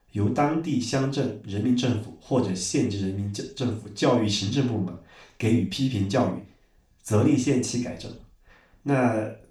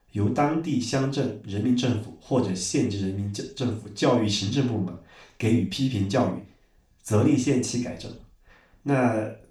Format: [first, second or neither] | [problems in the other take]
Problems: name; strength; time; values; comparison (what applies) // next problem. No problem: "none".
neither | room echo; noticeable; dies away in 0.4 s; the same in both // off-mic speech; far; the same in both